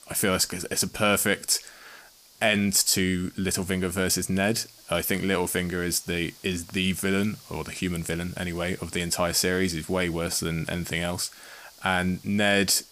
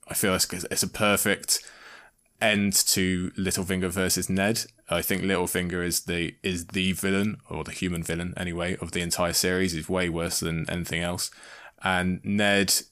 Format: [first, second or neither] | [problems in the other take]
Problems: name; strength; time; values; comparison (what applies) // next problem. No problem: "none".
second | hiss; faint; throughout; 25 dB below the speech